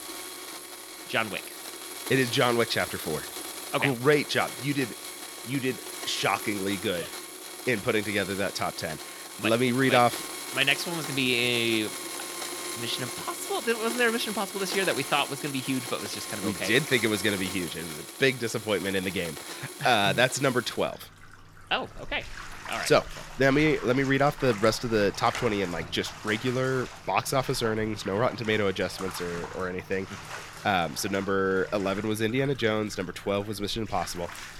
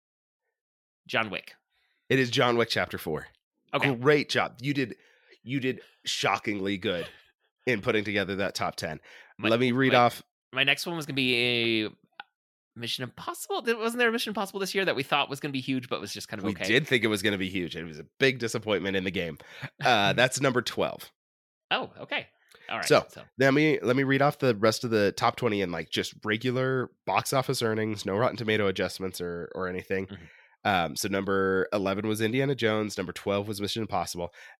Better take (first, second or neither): second